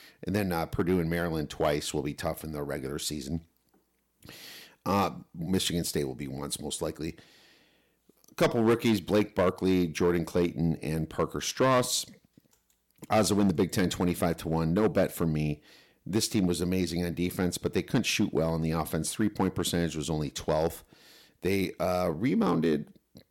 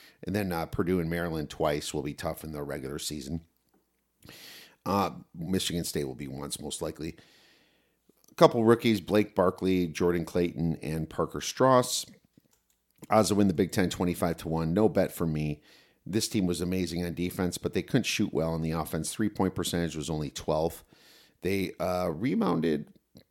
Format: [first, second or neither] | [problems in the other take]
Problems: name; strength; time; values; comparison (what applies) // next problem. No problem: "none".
second | distortion; slight; 2% of the sound clipped